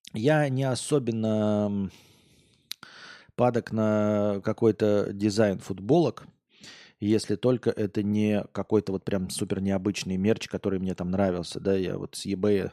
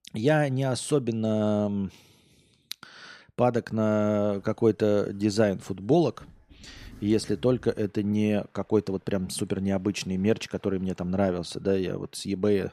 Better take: first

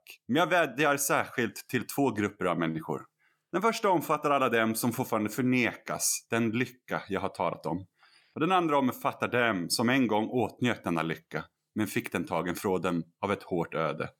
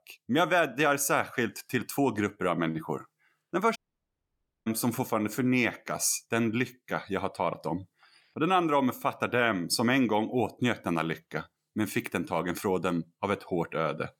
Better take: first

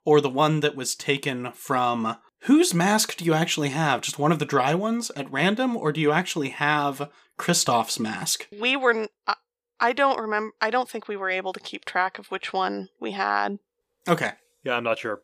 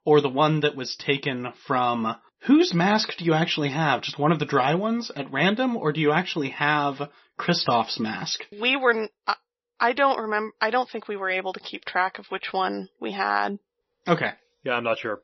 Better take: first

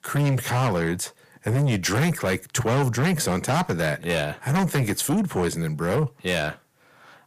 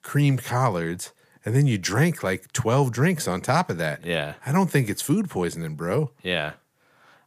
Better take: second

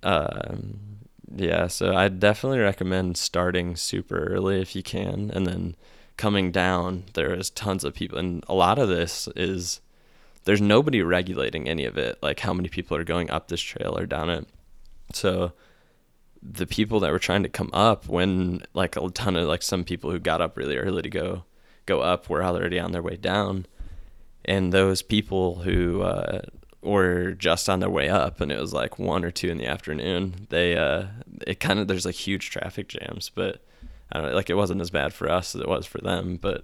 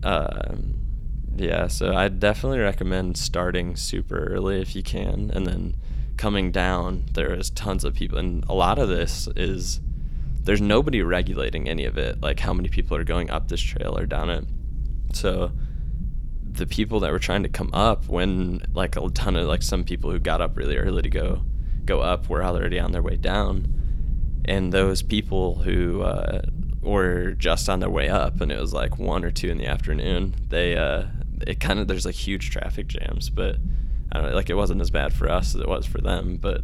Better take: first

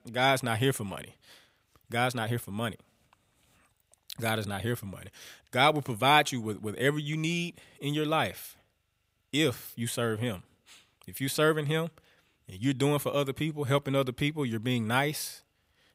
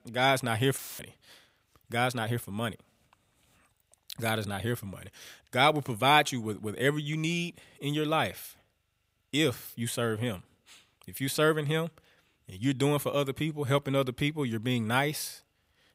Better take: first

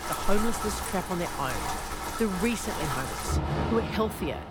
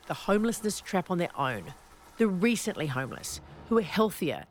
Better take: second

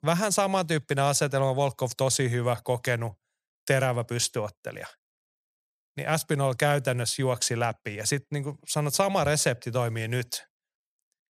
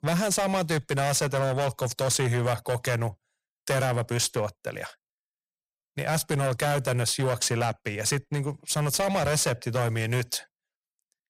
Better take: first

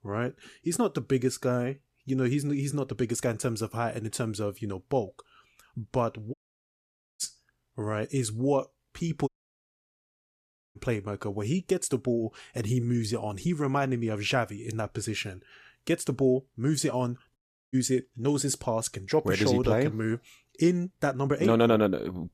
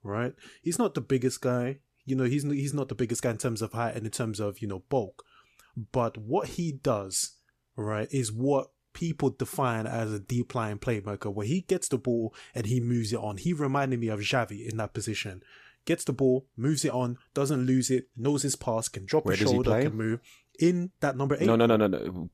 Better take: second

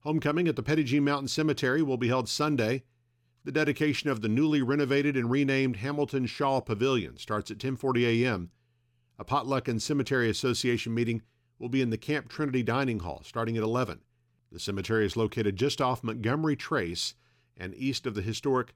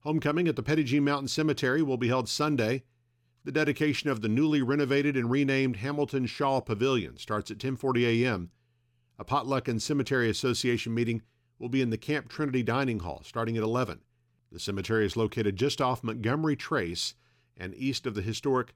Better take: neither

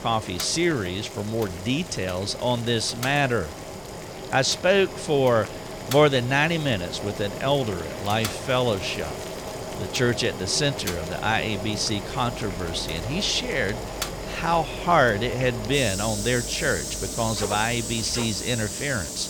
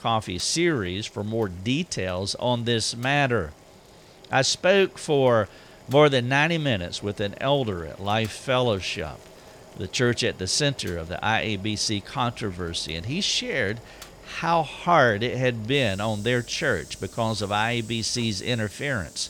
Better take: second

